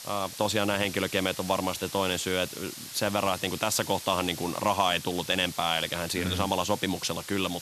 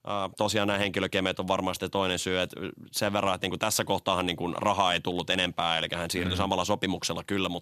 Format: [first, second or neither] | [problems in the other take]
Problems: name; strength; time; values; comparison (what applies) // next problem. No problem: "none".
second | hiss; noticeable; throughout; 10 dB below the speech